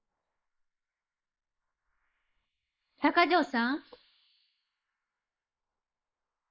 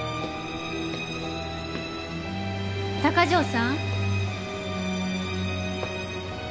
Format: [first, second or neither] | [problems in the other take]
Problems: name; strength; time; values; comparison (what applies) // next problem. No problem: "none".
second | noise reduction (neural mask model Resemble Enhance denoiser)